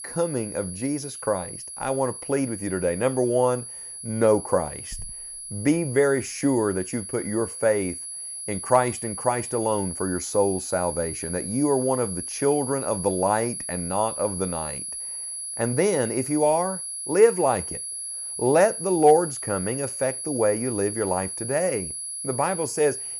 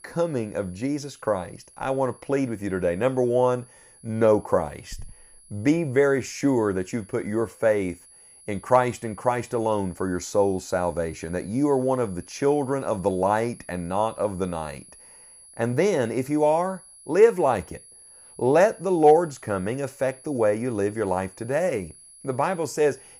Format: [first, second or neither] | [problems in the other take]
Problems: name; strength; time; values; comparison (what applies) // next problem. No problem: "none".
second | high-pitched whine; loud; throughout; 10.5 kHz, 7 dB below the speech; faint in the second